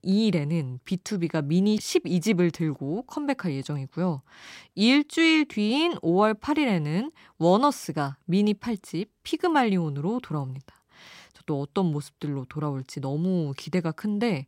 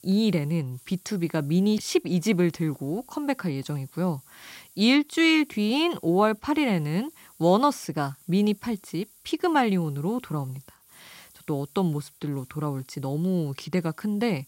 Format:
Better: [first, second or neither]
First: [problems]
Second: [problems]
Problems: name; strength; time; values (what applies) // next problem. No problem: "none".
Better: first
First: none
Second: hiss; faint; throughout; 25 dB below the speech